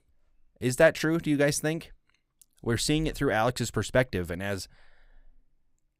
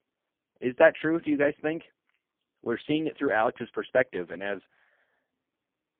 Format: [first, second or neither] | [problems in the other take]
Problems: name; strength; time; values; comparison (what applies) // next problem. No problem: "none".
first | phone-call audio; poor line